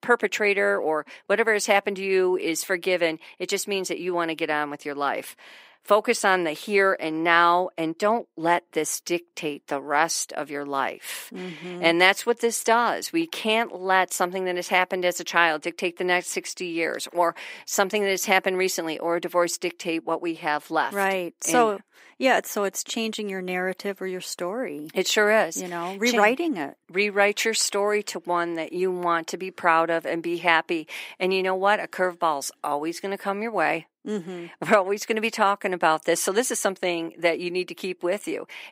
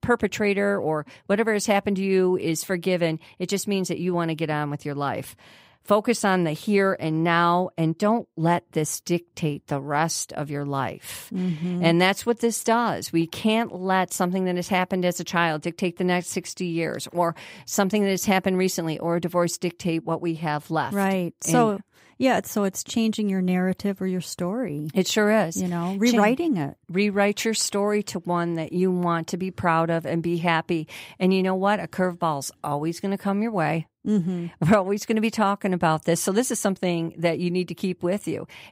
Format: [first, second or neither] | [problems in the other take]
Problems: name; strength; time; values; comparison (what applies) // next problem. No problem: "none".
second | thin; somewhat; fading below 300 Hz